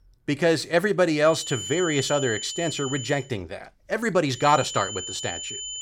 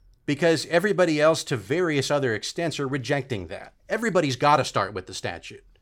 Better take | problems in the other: second | high-pitched whine; loud; from 1.5 to 3 s and from 4.5 s on; 3 kHz, 8 dB below the speech

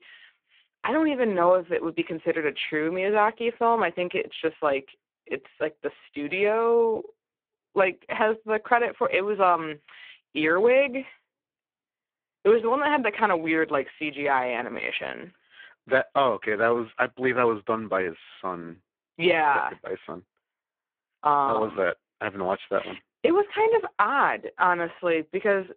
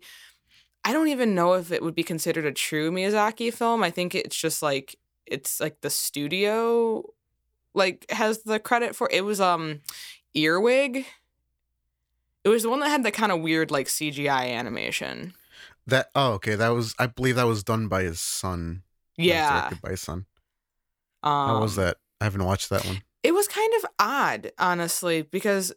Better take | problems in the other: second | phone-call audio; poor line

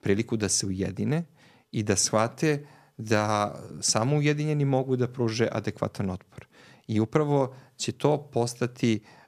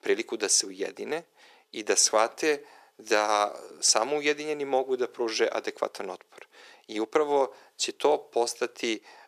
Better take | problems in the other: first | thin; very; fading below 400 Hz

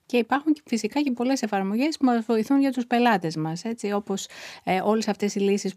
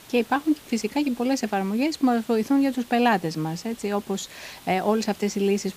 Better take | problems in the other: first | hiss; faint; throughout; 20 dB below the speech

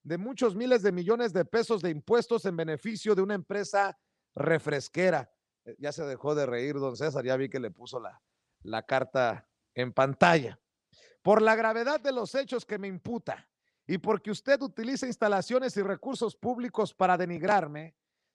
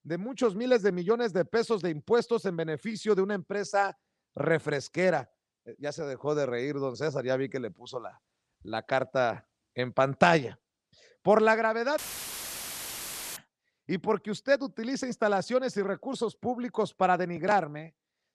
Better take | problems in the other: first | audio cutting out; filled with static; at 12 s for 1.5 s

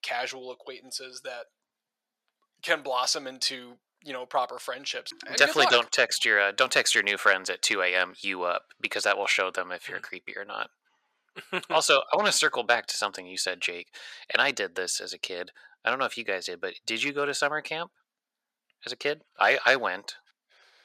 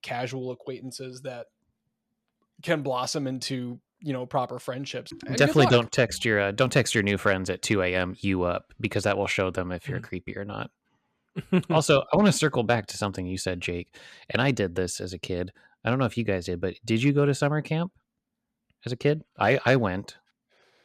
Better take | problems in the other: second | thin; very; fading below 700 Hz

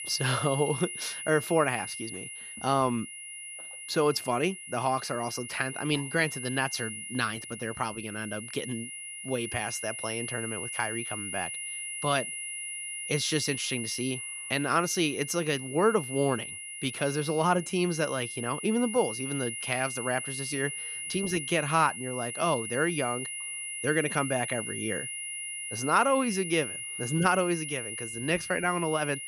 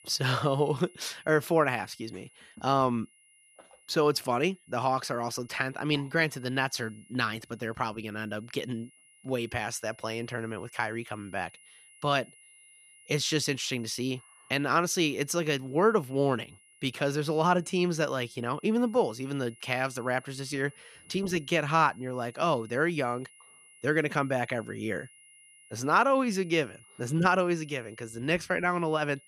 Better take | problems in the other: second | high-pitched whine; loud; throughout; 10.5 kHz, 6 dB below the speech; faint in the second

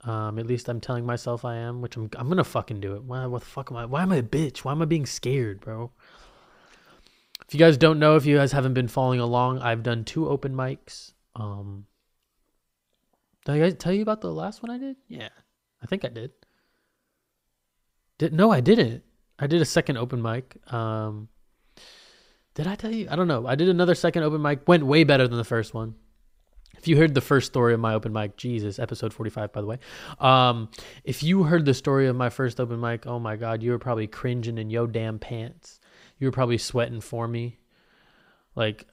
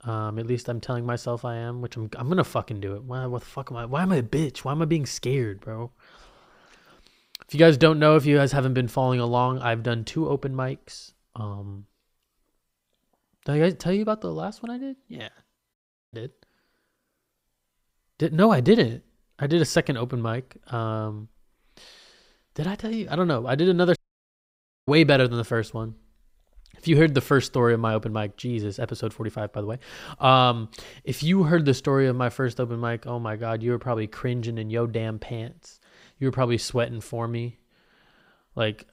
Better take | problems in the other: first | audio cutting out; at 16 s and at 24 s for 1 s

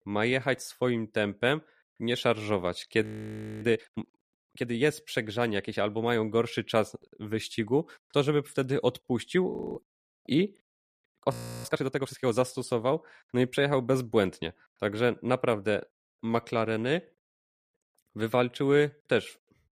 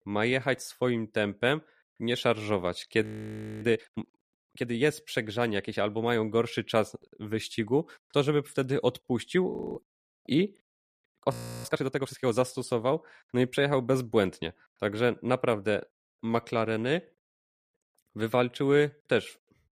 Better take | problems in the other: neither | audio freezing; at 3 s for 0.5 s, at 9.5 s and at 11 s; the same in both

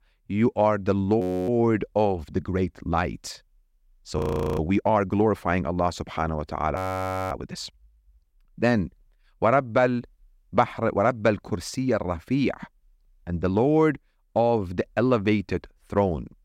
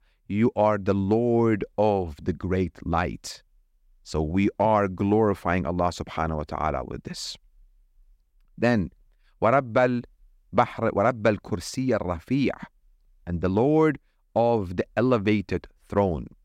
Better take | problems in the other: second | audio freezing; at 1 s, at 4 s and at 7 s for 0.5 s

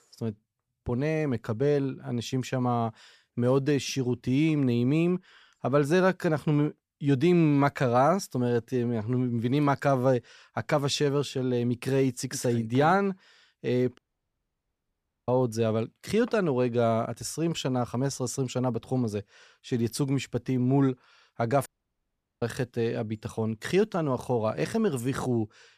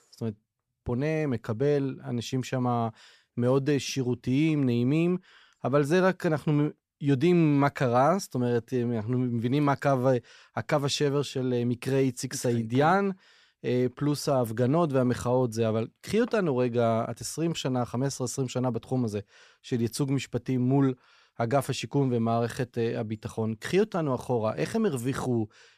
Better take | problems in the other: second | audio cutting out; at 14 s for 1.5 s and at 22 s for 1 s

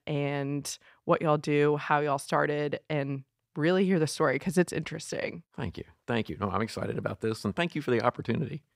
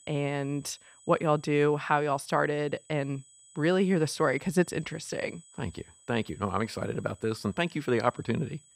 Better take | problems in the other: first | high-pitched whine; faint; throughout; 8 kHz, 25 dB below the speech

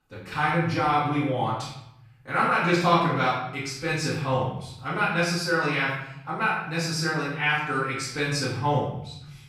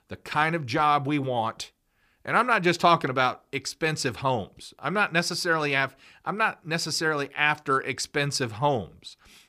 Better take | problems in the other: second | off-mic speech; far // room echo; noticeable; dies away in 0.8 s

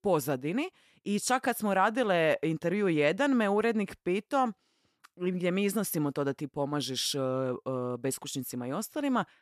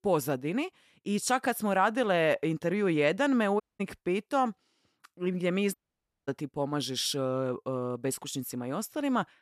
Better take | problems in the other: first | audio cutting out; at 3.5 s and at 5.5 s for 0.5 s

